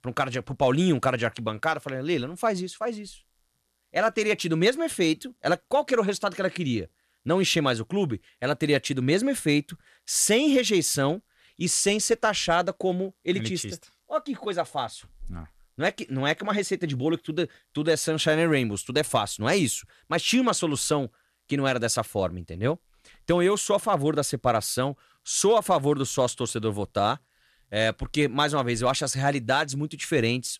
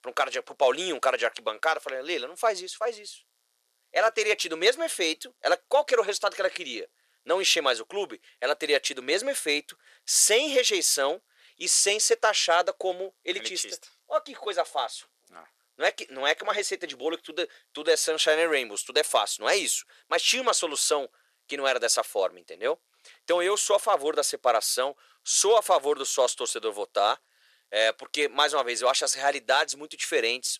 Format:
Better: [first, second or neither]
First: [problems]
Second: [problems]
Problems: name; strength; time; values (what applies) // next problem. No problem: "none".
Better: first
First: none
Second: thin; very; fading below 450 Hz